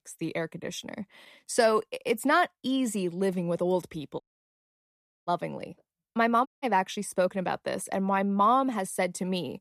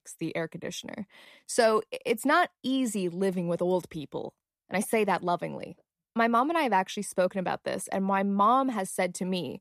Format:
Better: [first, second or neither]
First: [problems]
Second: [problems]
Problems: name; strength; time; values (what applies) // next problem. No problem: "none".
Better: second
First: audio cutting out; at 4 s for 1 s and at 6.5 s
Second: none